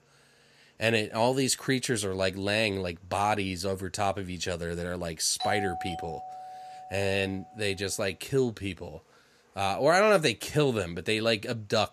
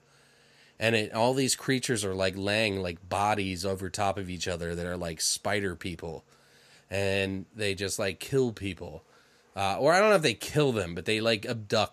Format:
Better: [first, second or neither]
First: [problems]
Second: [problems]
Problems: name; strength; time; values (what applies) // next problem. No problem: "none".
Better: second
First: doorbell; noticeable; from 5.5 to 7 s; peak 5 dB below the speech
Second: none